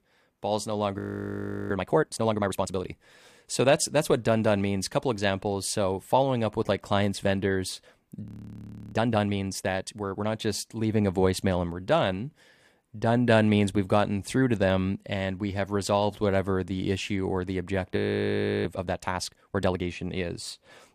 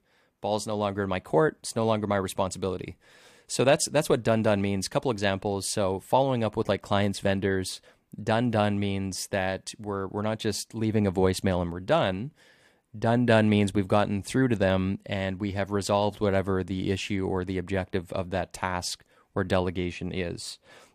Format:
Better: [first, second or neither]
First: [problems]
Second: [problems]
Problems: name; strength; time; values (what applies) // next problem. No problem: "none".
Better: second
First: audio freezing; at 1 s for 0.5 s, at 8.5 s for 0.5 s and at 18 s for 0.5 s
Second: none